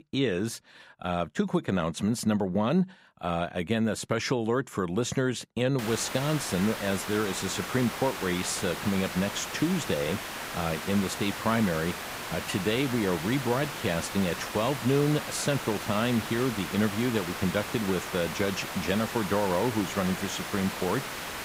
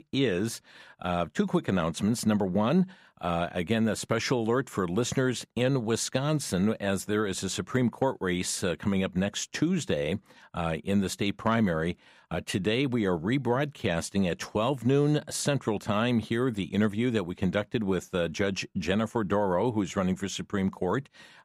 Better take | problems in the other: second | hiss; loud; from 6 s on; 6 dB below the speech

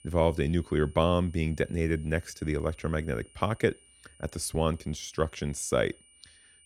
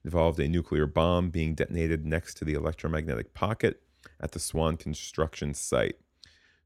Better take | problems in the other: second | high-pitched whine; faint; throughout; 9 kHz, 25 dB below the speech

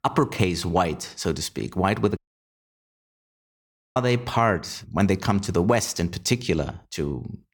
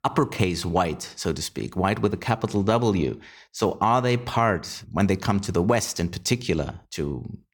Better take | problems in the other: second | audio cutting out; at 2 s for 2 s

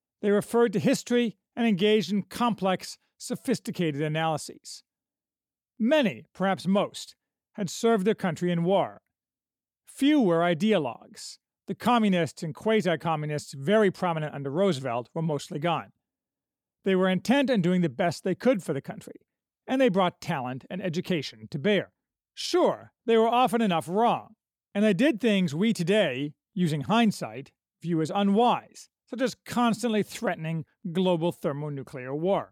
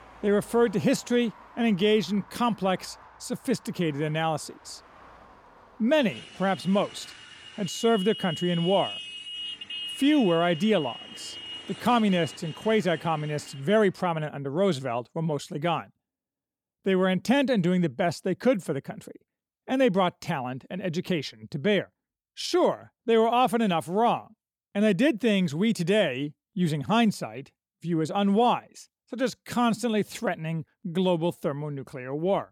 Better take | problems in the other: first | traffic noise; noticeable; until 14 s; 10 dB below the speech

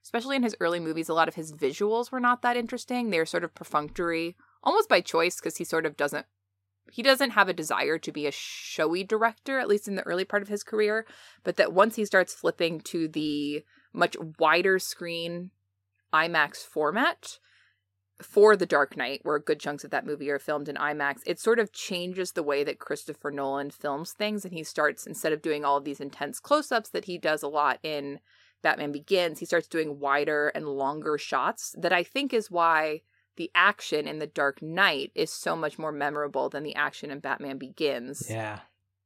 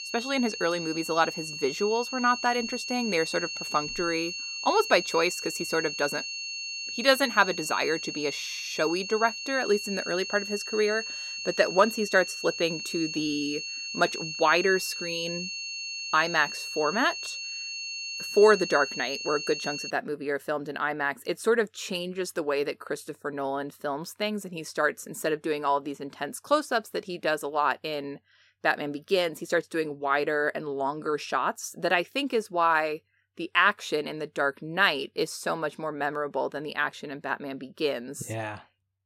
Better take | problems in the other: first | high-pitched whine; loud; until 20 s; 2.5 kHz, 6 dB below the speech

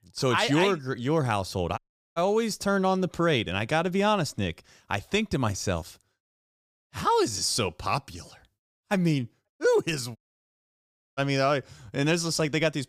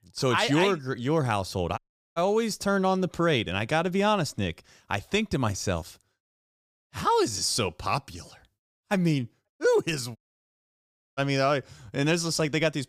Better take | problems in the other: neither | audio cutting out; at 2 s and at 10 s for 1 s; the same in both

